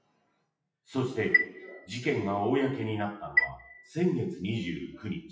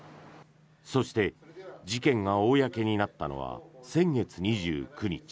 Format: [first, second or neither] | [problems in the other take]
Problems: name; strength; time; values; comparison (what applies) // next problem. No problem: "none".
second | noise reduction (classical method WPE with log-MMSE)